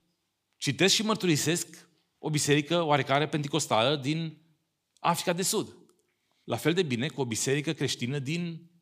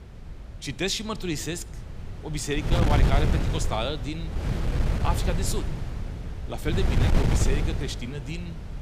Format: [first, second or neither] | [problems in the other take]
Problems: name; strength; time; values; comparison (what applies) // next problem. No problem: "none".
first | wind noise on the microphone; heavy; 4 dB below the speech